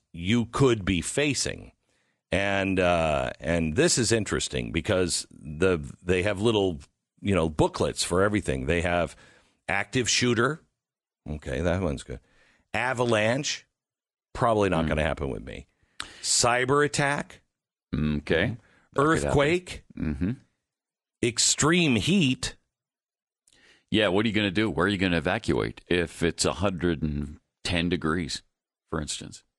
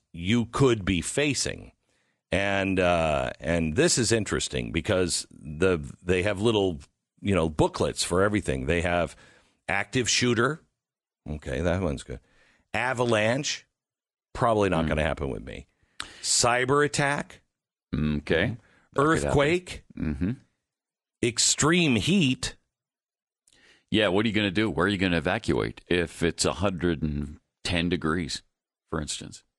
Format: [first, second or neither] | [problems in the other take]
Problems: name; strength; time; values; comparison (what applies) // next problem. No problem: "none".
neither | garbled, watery; slightly; the same in both